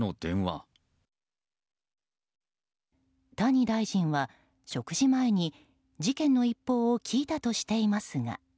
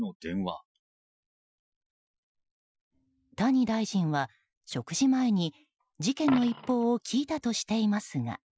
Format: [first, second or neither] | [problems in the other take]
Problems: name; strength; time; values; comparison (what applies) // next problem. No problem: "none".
first | noise reduction (classical method Wiener filter)